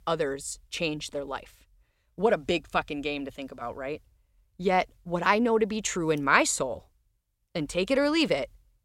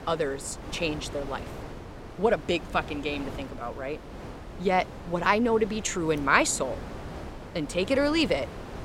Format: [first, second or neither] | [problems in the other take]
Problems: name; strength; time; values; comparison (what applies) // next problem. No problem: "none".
first | wind noise on the microphone; occasional gusts; 15 dB below the speech